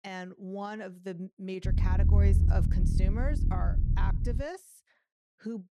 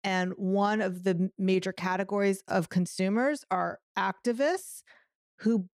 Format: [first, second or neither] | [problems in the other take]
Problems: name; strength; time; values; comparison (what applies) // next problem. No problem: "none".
second | low rumble; loud; from 1.5 to 4.5 s; 4 dB below the speech